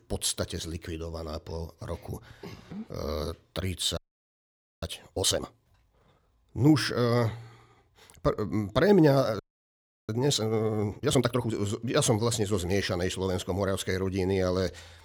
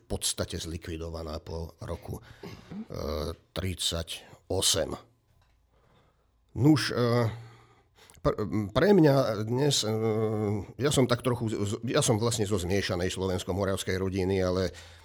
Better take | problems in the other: second | audio freezing; at 4 s for 1 s and at 9.5 s for 0.5 s

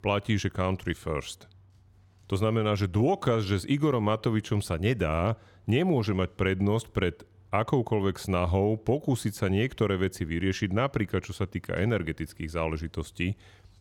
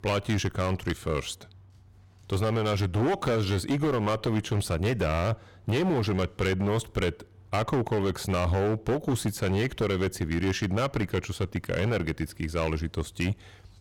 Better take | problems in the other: first | distortion; heavy; 16% of the sound clipped

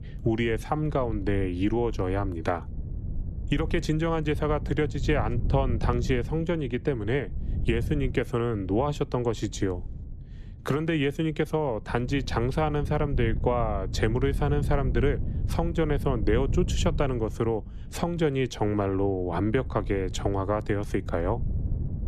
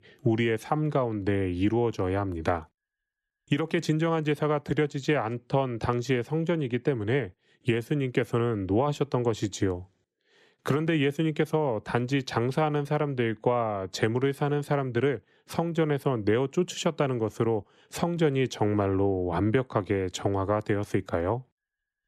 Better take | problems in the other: second | wind noise on the microphone; occasional gusts; 20 dB below the speech

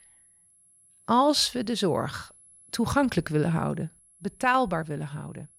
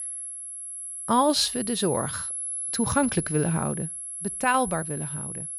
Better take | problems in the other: first | high-pitched whine; loud; throughout; 11 kHz, 5 dB below the speech; faint in the first

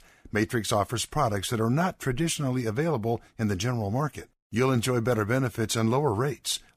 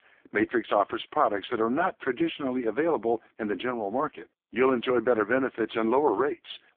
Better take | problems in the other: first | phone-call audio; poor line

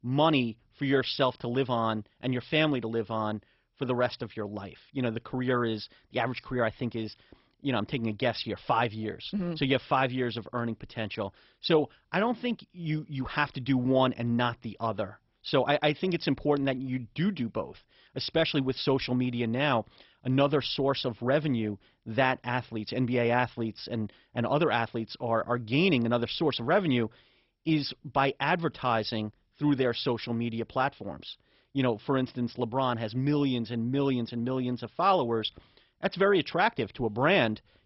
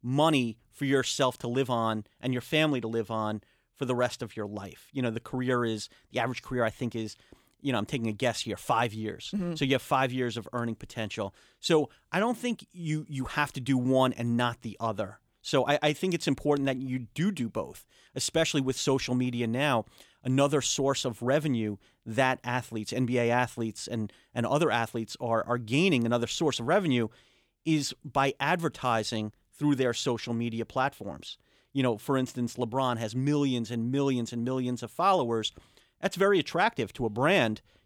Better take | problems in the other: second | garbled, watery; badly; nothing above 5.5 kHz

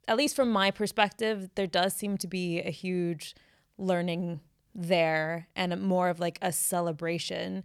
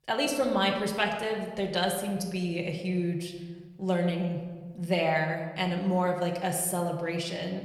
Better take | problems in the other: first | room echo; slight; dies away in 1.3 s // off-mic speech; somewhat distant

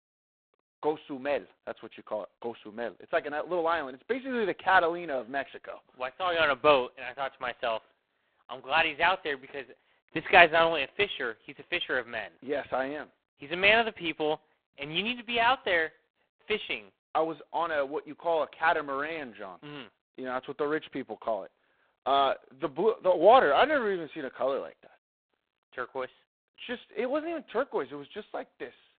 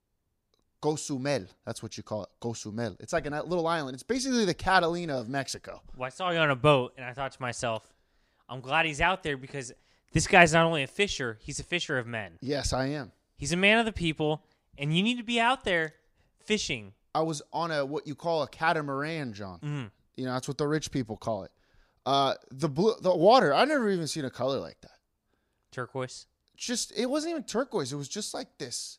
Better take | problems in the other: second | phone-call audio; poor line

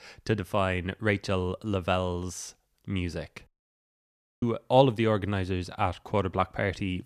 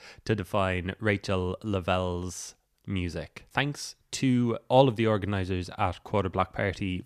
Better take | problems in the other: second | audio cutting out; at 3.5 s for 1 s

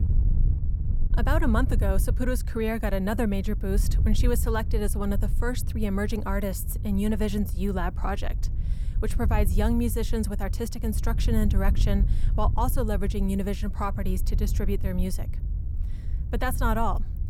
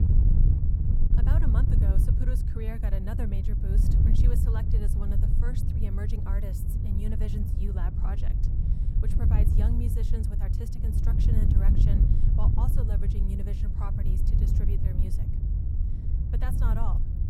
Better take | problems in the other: first | wind noise on the microphone; heavy; 1 dB above the speech; occasional gusts in the first

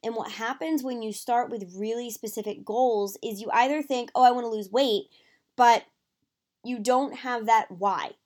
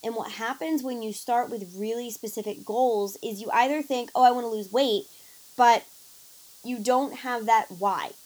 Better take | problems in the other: first | hiss; faint; throughout; 20 dB below the speech

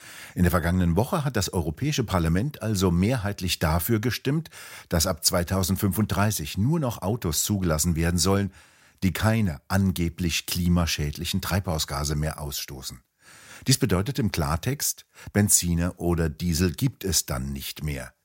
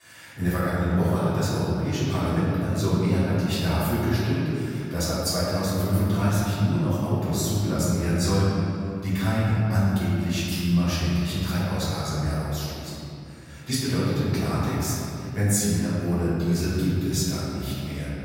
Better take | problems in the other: first | off-mic speech; far // room echo; strong; dies away in 2.5 s

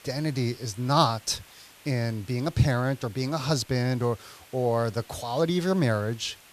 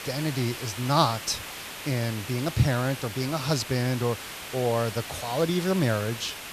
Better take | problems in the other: first | hiss; loud; throughout; 9 dB below the speech; faint in the first

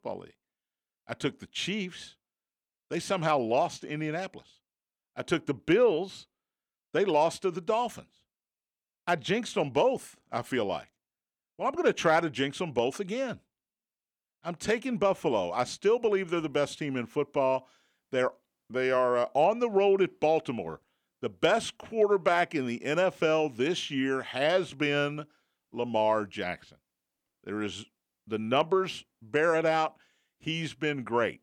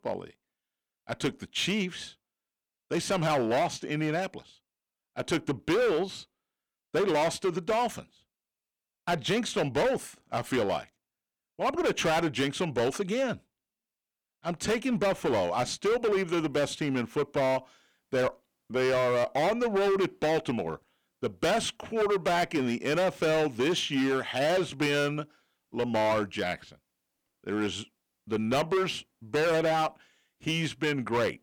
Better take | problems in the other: first | distortion; heavy; 13% of the sound clipped

